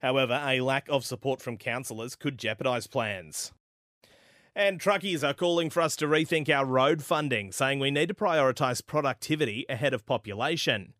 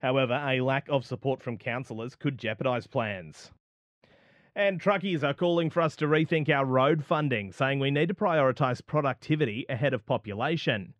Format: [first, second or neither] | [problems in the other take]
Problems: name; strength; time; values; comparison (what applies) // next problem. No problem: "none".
first | muffled; slightly; fading above 2.5 kHz